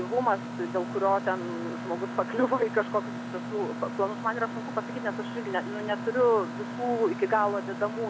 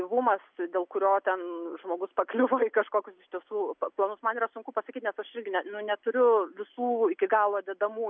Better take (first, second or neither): second